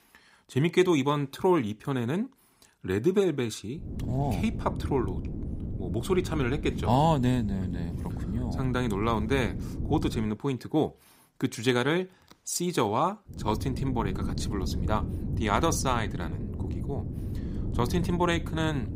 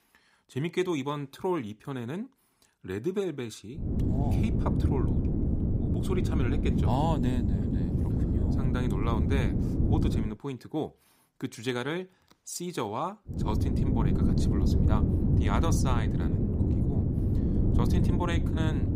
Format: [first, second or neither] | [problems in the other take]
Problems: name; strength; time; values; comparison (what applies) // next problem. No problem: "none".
first | wind noise on the microphone; heavy; from 4 to 10 s and from 13 s on; 1 dB below the speech; occasional gusts in the first